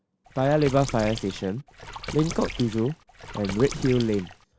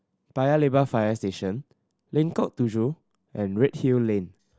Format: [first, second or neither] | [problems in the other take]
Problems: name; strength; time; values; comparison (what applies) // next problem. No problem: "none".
second | background sound (Water / Splash, splatter); 12 dB below the speech